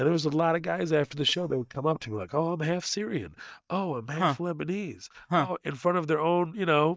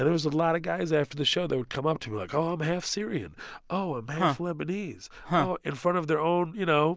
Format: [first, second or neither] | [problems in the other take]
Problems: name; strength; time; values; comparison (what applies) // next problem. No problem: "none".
second | noise reduction (neural mask model DeepFilterNet 3)